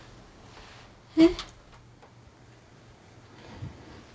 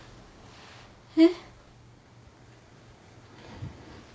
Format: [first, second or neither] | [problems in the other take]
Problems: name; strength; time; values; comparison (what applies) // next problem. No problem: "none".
second | background sound (Slam); 16 dB below the speech